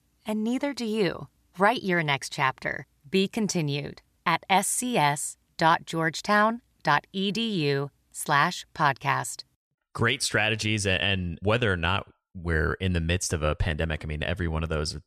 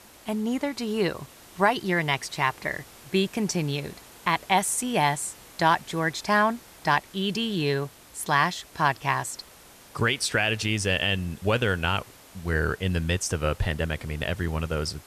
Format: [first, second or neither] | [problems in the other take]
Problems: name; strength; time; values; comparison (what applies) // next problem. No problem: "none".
first | hiss; faint; throughout; 20 dB below the speech